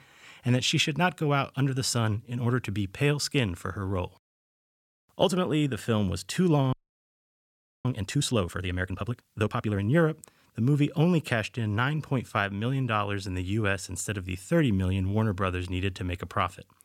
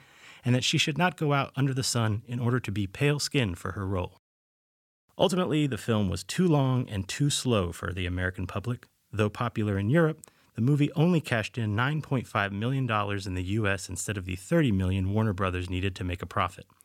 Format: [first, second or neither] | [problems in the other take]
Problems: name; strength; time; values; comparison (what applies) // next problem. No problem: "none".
second | audio freezing; at 6.5 s for 1 s